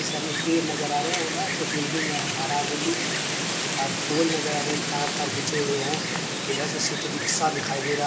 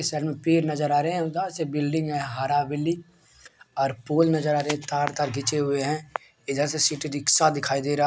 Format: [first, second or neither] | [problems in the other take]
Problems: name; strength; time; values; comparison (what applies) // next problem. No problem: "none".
second | background sound (Wind); 1 dB above the speech // room echo; dies away in 2.6 s